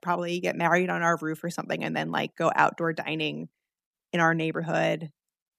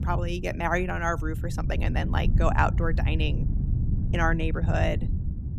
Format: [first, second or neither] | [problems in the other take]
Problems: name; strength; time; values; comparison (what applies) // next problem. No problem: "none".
first | wind noise on the microphone; occasional gusts; 15 dB below the speech